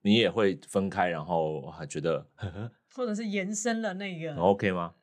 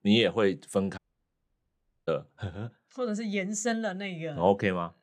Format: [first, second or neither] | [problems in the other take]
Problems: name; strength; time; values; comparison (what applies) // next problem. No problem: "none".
first | audio cutting out; at 1 s for 1 s